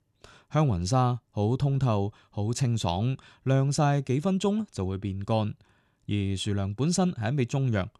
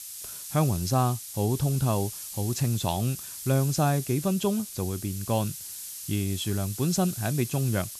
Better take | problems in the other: first | hiss; loud; throughout; 8 dB below the speech

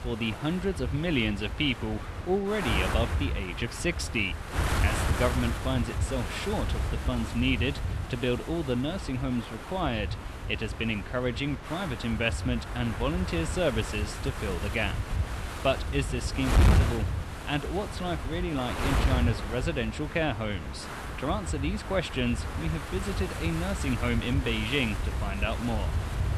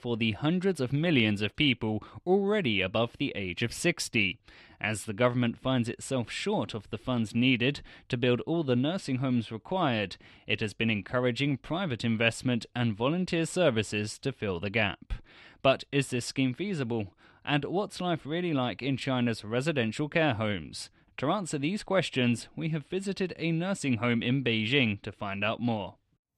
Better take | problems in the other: second | wind noise on the microphone; heavy; 5 dB below the speech

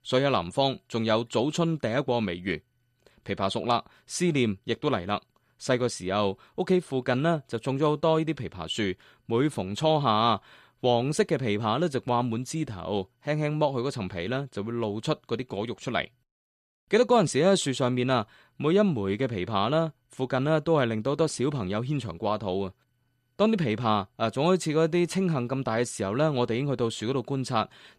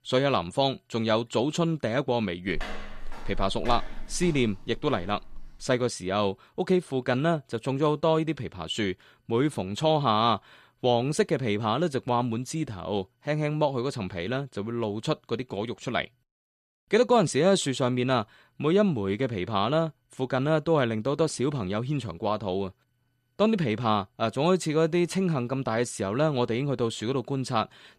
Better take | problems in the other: first | footsteps; faint; from 2.5 to 5.5 s; peak 10 dB below the speech

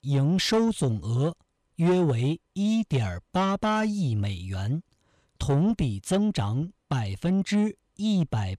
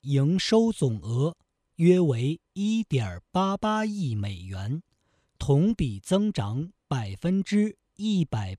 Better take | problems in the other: second | distortion; slight; 10 dB below the speech

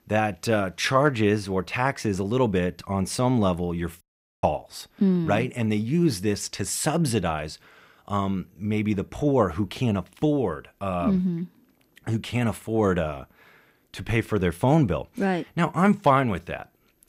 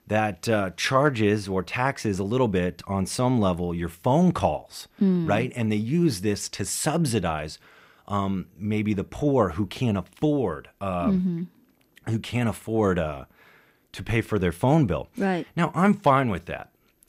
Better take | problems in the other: second | audio cutting out; at 4 s

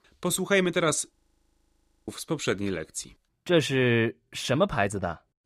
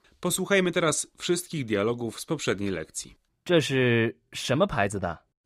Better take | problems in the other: second | audio freezing; at 1 s for 1 s

